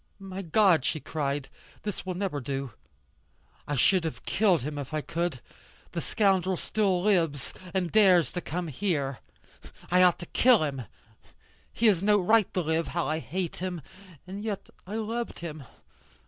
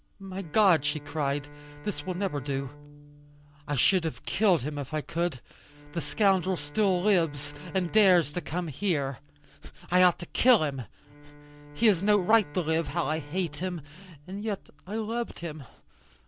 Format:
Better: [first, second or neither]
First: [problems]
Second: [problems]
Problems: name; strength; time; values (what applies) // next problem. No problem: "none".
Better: first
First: none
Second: background sound (Bowed string instrument); 20 dB below the speech